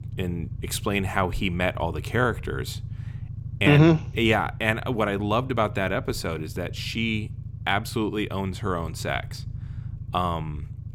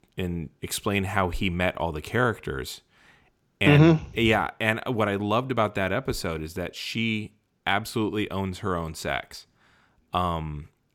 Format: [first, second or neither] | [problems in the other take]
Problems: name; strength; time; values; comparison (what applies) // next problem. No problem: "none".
second | low rumble; faint; throughout; 25 dB below the speech